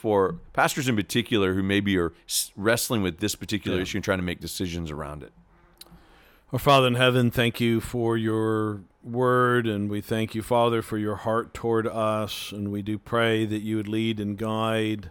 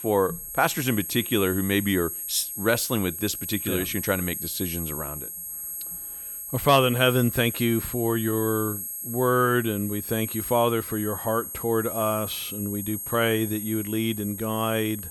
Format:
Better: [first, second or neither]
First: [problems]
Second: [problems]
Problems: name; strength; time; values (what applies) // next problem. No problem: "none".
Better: first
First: none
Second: high-pitched whine; loud; throughout; 11.5 kHz, 6 dB below the speech